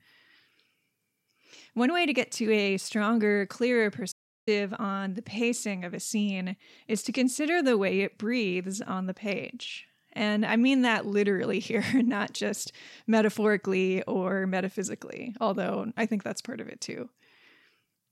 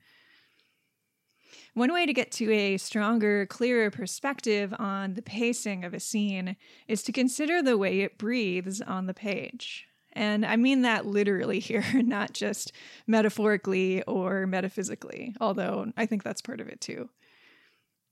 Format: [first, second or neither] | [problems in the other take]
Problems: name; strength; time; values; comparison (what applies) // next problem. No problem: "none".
second | audio cutting out; at 4 s